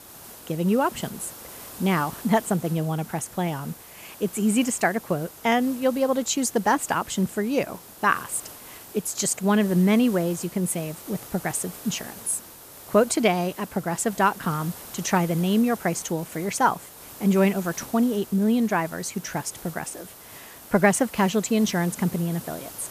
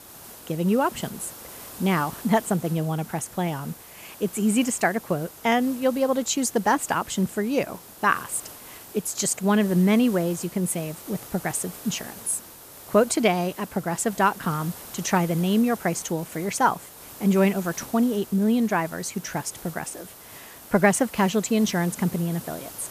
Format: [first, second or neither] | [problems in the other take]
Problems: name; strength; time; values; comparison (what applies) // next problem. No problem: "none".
neither | hiss; noticeable; throughout; 15 dB below the speech; the same in both